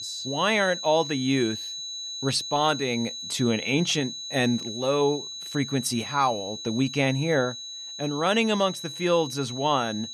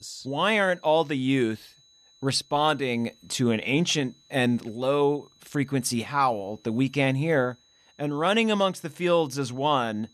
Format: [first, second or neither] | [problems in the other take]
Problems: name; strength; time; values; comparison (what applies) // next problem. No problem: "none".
second | high-pitched whine; loud; throughout; 4 kHz, 8 dB below the speech; faint in the second